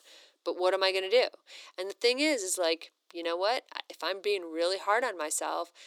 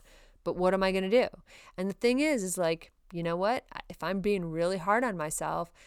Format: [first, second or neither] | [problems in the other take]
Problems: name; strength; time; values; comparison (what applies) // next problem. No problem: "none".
second | thin; somewhat; fading below 300 Hz